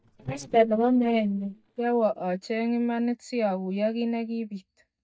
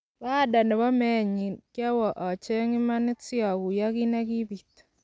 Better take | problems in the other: second | noise reduction (neural mask model DeepFilterNet 3)

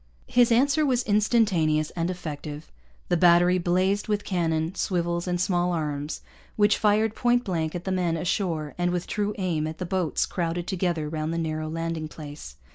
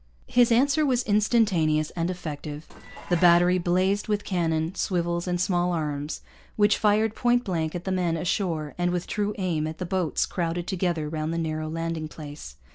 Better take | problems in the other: first | background sound (Dishes, pots, and pans); 20 dB below the speech

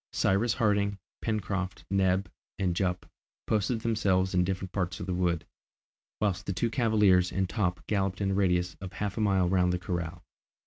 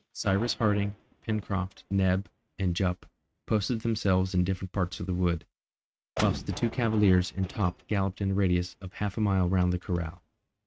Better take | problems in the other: first | noise reduction (neural mask model RNNoise)

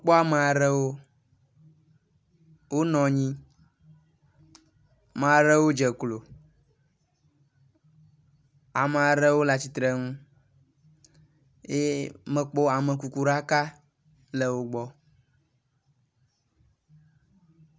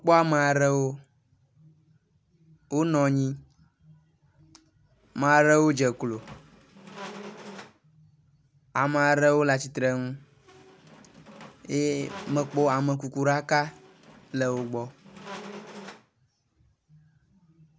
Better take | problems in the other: first | background sound (Squeak); 18 dB below the speech

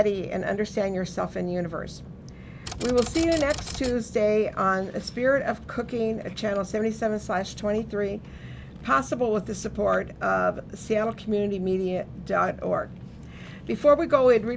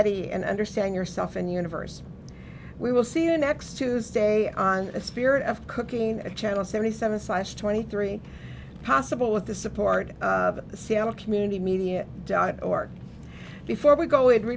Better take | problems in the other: second | background sound (Typewriter); 10 dB below the speech

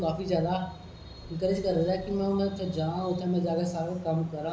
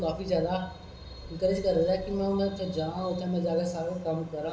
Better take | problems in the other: first | room echo; dies away in 0.3 s

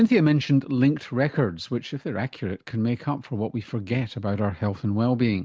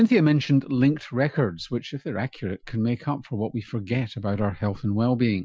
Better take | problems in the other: first | noise reduction (classical method Wiener filter)

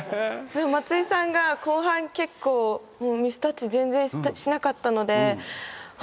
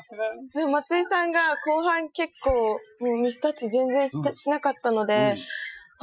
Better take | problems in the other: first | noise reduction (classical method Wiener filter)

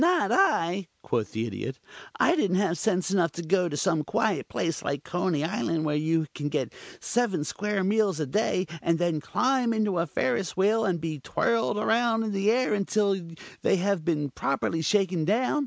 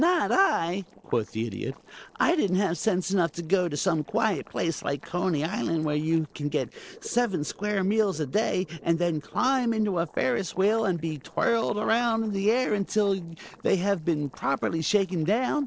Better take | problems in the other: first | noise reduction (neural separator model SepFormer DNS4)

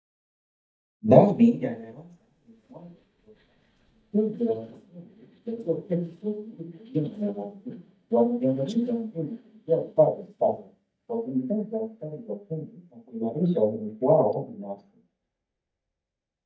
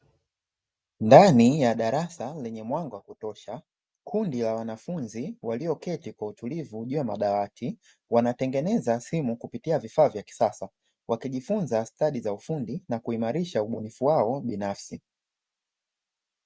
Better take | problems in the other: second | noise reduction (neural mask model DeepFilterNet 3)

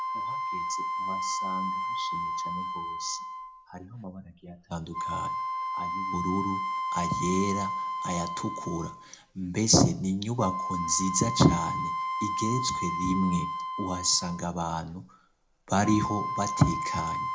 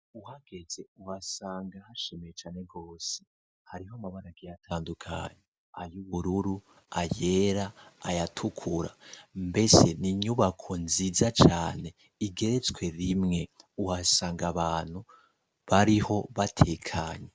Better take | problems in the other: second | background sound (Wind instrument, woodwind instrument); 3 dB below the speech // room echo; dies away in 0.2 s

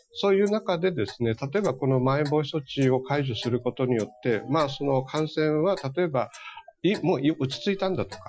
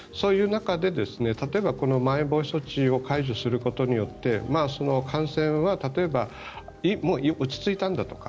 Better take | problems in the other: second | noise reduction (classical method Wiener filter)

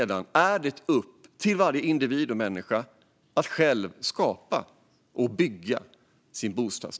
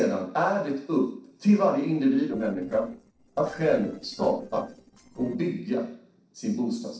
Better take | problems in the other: first | noise reduction (neural separator model SepFormer DNS4)

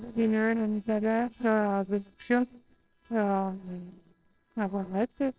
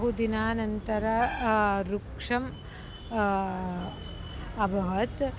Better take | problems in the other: second | noise reduction (neural separator model SepFormer WHAMR!)

